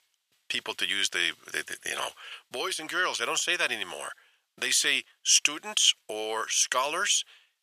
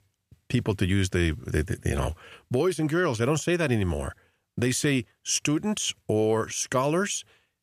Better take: second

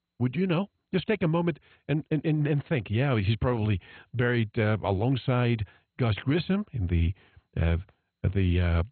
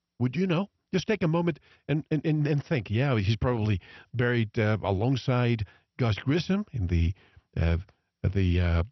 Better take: second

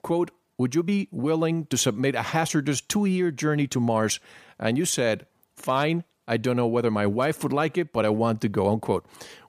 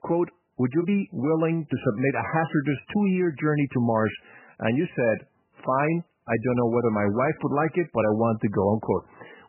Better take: first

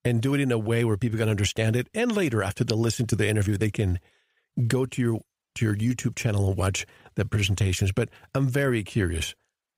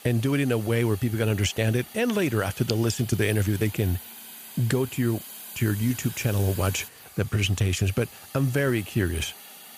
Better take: first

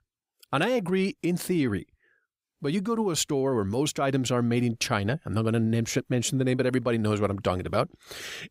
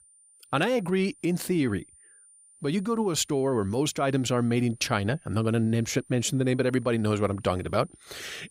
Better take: first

